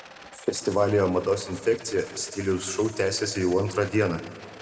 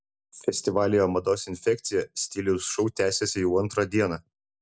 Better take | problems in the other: second | background sound (Rattle); 20 dB below the speech // room echo; dies away in 1.7 s

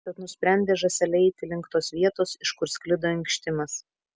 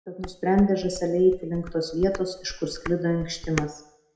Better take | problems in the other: first | background sound (Dishes, pots, and pans); 13 dB below the speech // room echo; dies away in 0.5 s

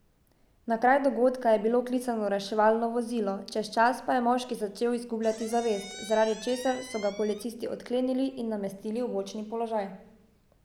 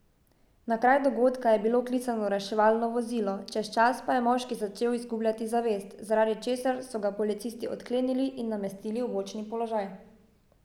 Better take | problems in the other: second | background sound (Squeak); 16 dB below the speech

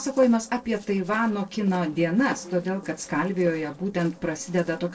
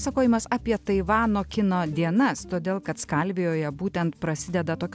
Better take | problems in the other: second | noise reduction (neural separator model SepFormer DNS4)

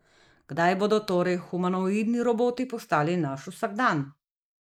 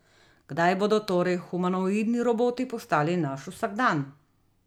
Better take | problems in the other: second | noise reduction (neural mask model Resemble Enhance denoiser)

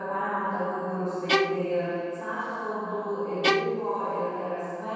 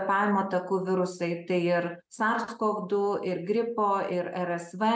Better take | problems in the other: second | background sound (Bowed string instrument); 1 dB below the speech // room echo; dies away in 2.2 s

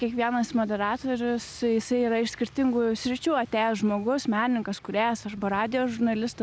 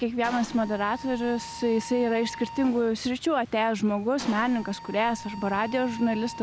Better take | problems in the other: first | background sound (Mechanisms); 15 dB below the speech

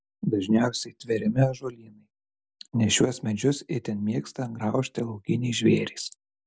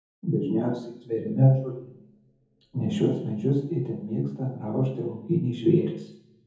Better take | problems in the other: first | room echo; dies away in 0.7 s

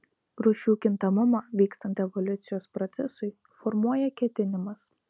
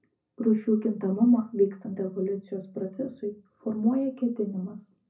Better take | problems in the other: first | room echo; dies away in 0.4 s

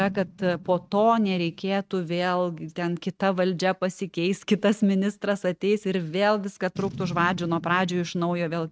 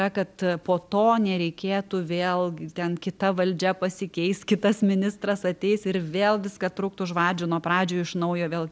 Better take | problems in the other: second | noise reduction (neural mask model RNNoise)

